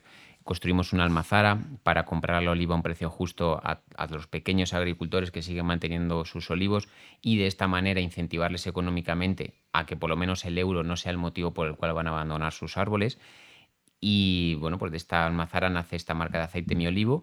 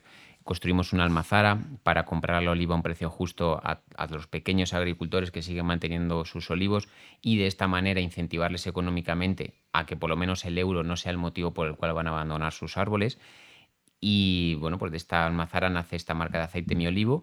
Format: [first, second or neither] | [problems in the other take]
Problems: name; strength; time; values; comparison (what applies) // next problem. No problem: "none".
neither | none